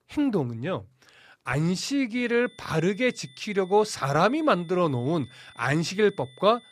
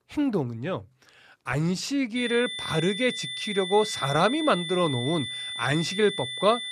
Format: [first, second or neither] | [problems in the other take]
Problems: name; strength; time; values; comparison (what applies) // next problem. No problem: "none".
first | high-pitched whine; loud; from 2 s on; 3.5 kHz, 5 dB below the speech; faint in the first